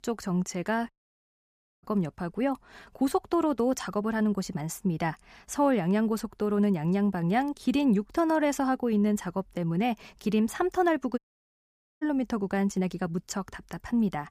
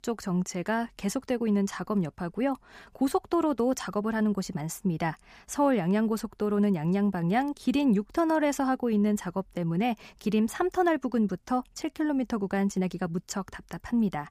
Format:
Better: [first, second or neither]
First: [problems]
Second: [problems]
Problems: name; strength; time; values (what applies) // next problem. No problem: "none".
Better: second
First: audio cutting out; at 1 s for 1 s and at 11 s for 1 s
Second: none